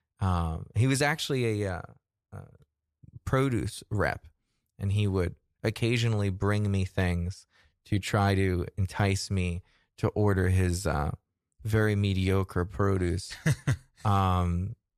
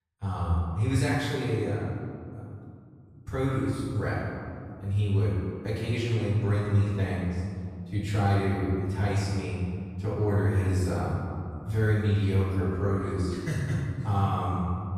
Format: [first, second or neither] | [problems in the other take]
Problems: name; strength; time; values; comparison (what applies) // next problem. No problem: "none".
first | off-mic speech; far // room echo; strong; dies away in 2.4 s